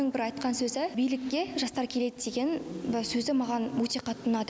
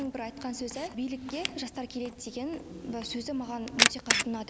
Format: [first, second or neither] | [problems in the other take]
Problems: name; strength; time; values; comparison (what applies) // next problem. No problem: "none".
first | background sound (Camera); 2 dB above the speech